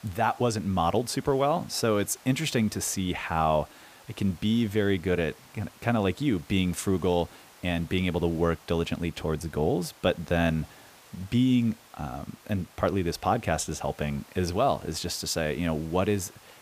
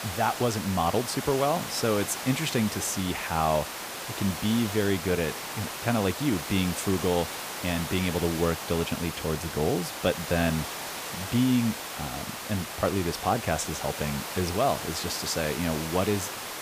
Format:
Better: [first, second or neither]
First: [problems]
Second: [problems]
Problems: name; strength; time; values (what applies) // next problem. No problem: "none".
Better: first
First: hiss; faint; throughout; 25 dB below the speech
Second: hiss; loud; throughout; 6 dB below the speech